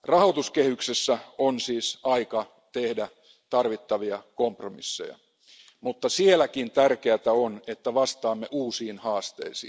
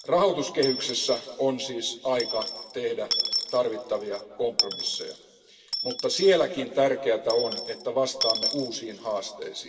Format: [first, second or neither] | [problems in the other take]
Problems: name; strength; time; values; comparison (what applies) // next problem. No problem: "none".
first | background sound (Coin (dropping) / Dishes, pots, and pans); 7 dB below the speech // room echo; dies away in 1.9 s